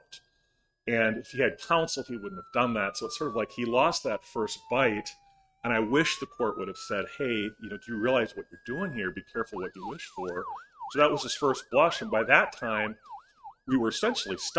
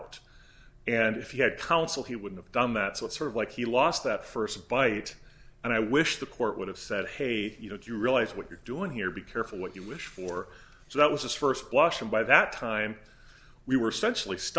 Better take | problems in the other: second | noise reduction (neural mask model RNNoise)

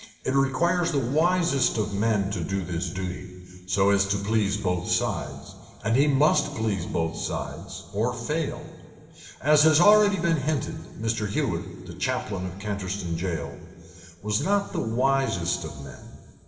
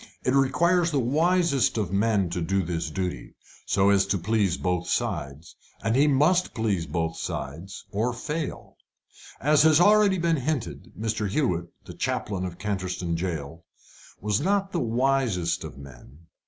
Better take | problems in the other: second | room echo; dies away in 2.1 s

